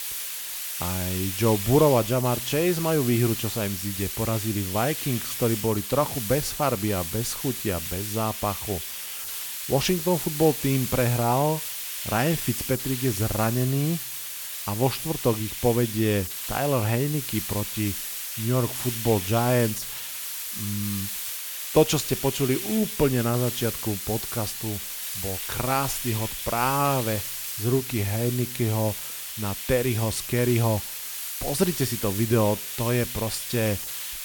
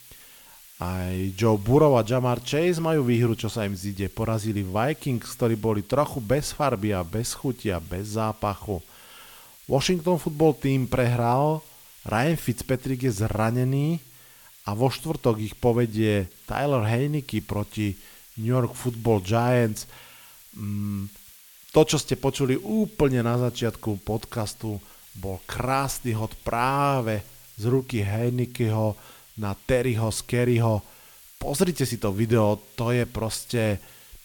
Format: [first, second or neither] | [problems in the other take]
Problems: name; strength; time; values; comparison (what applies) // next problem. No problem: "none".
second | hiss; loud; throughout; 4 dB below the speech; faint in the second